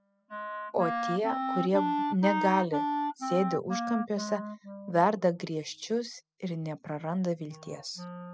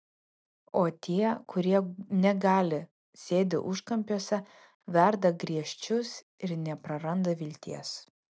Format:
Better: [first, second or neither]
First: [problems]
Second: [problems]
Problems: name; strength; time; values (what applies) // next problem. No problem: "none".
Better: second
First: noise reduction (classical method spectral subtraction)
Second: none